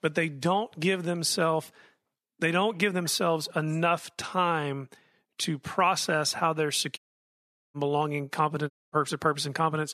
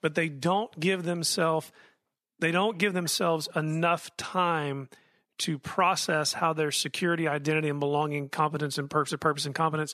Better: second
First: audio cutting out; at 7 s for 1 s and at 8.5 s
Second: none

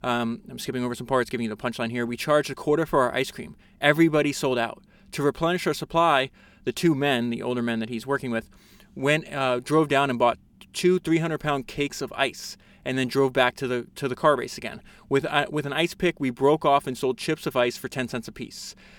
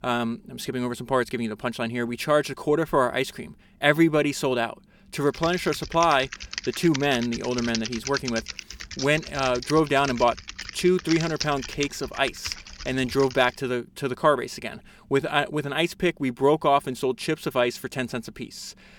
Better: first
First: none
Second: keyboard typing; noticeable; from 5.5 to 14 s; peak 5 dB below the speech

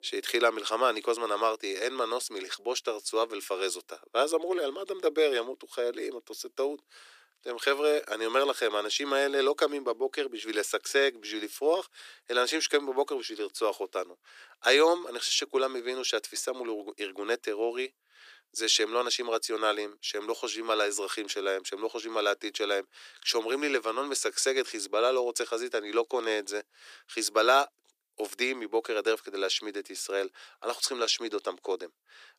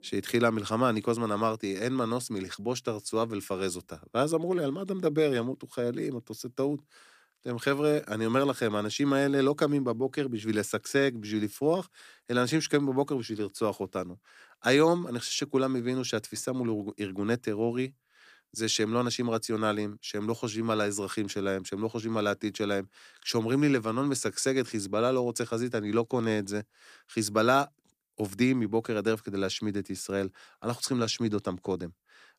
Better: second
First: thin; very; fading below 350 Hz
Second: none

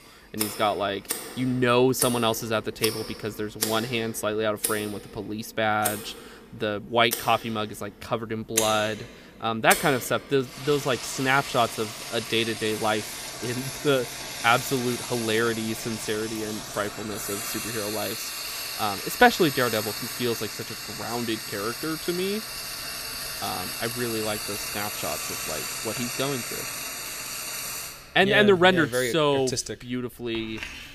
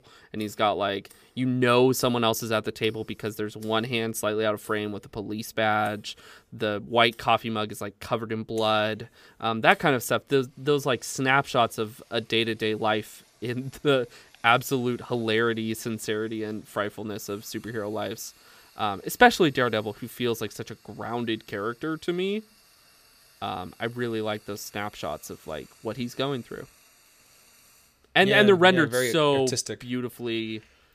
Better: second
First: household noises; loud; throughout; 5 dB below the speech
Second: household noises; faint; throughout; 30 dB below the speech

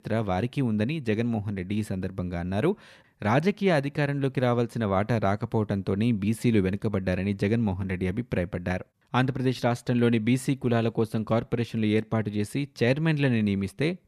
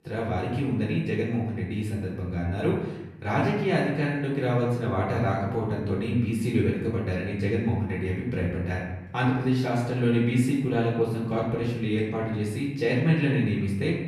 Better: first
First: none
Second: off-mic speech; far // room echo; noticeable; dies away in 0.9 s

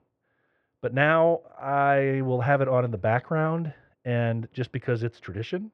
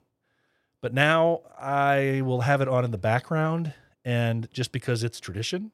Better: second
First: muffled; very; fading above 2 kHz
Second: none

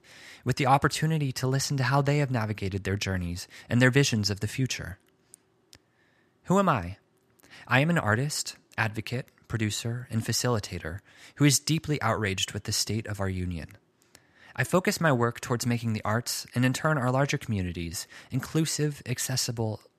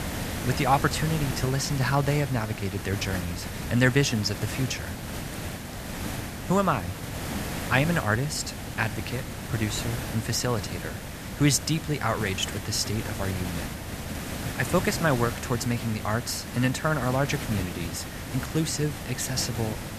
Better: first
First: none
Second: hiss; loud; throughout; 7 dB below the speech

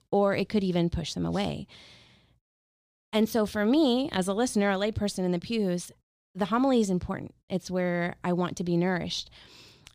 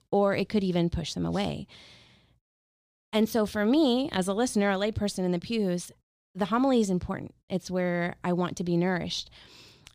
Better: neither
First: none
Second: none

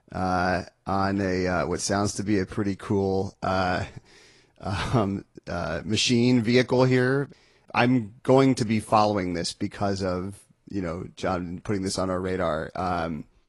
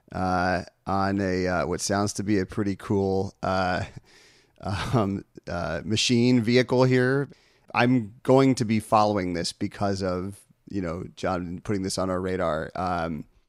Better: second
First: garbled, watery; slightly; nothing above 11 kHz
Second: none

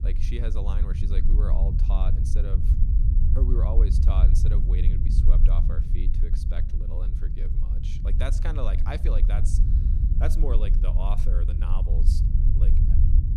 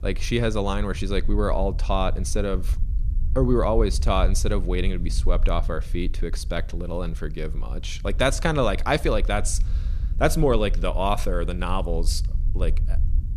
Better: second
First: low rumble; loud; throughout; 3 dB below the speech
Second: low rumble; faint; throughout; 20 dB below the speech

